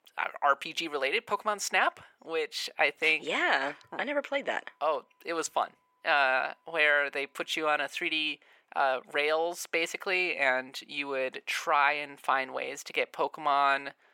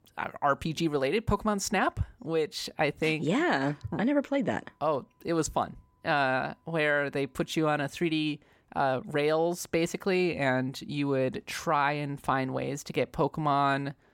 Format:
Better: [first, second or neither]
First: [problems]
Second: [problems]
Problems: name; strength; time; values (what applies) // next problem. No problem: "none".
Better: second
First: thin; very; fading below 600 Hz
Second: none